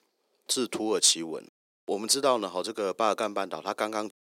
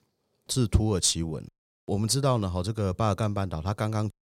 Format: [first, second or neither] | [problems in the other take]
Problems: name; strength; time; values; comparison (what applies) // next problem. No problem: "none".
second | thin; very; fading below 300 Hz